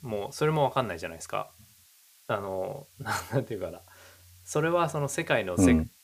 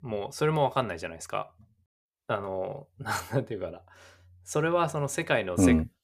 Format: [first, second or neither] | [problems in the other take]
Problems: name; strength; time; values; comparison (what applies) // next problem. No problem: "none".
second | hiss; faint; throughout; 25 dB below the speech